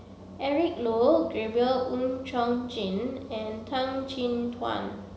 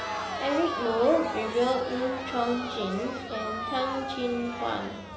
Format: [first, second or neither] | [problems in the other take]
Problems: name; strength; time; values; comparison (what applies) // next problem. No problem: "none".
first | background sound (Crowd); 6 dB below the speech